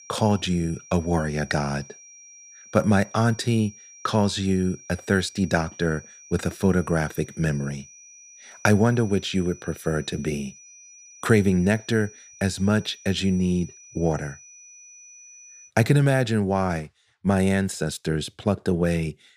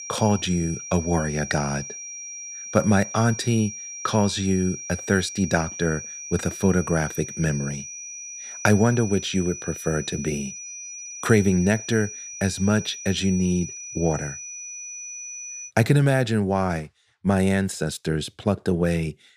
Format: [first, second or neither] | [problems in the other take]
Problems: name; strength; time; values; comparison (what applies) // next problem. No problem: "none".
first | high-pitched whine; loud; until 16 s; 5.5 kHz, 10 dB below the speech; faint in the first